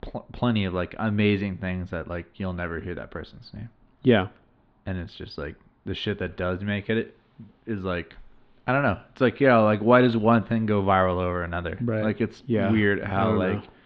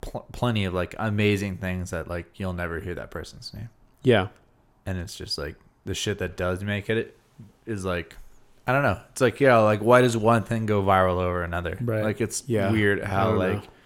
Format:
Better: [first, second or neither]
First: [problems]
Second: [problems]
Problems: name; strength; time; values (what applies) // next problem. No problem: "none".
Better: second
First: muffled; slightly; fading above 4 kHz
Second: none